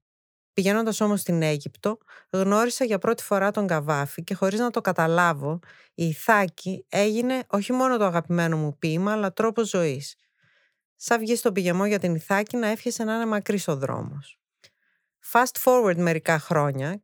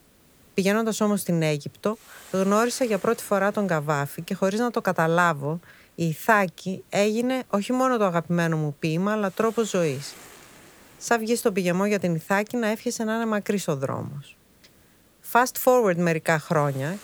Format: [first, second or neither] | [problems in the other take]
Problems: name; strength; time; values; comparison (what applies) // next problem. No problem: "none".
first | hiss; faint; throughout; 25 dB below the speech